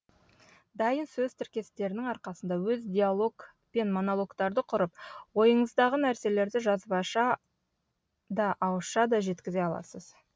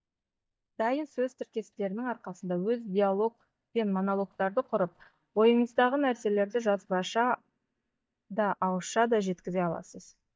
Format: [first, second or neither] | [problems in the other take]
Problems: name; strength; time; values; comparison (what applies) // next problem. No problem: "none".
first | noise reduction (neural mask model DeepFilterNet 3)